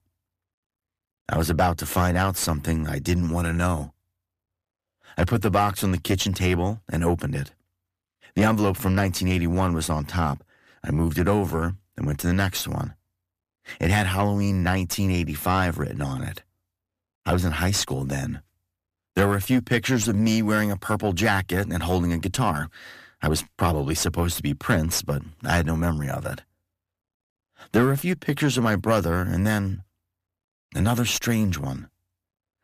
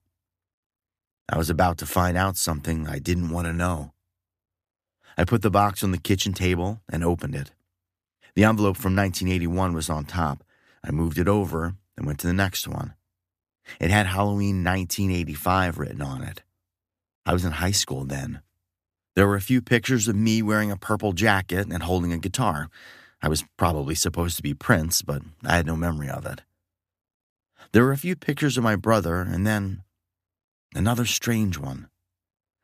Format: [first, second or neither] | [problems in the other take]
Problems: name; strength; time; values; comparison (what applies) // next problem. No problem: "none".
second | distortion; slight; 10 dB below the speech